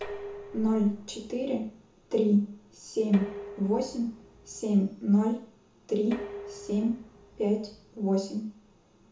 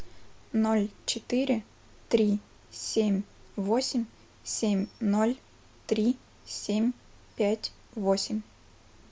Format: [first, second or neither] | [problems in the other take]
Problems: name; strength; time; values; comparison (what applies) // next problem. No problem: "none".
second | background sound (Dishes, pots, and pans); 16 dB below the speech // room echo; dies away in 0.7 s